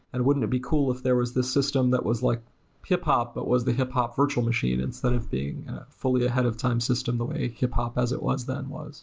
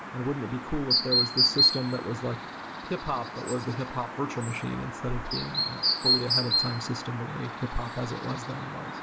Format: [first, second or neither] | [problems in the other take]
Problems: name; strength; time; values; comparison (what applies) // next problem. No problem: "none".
first | background sound (Chirp, tweet); 3 dB above the speech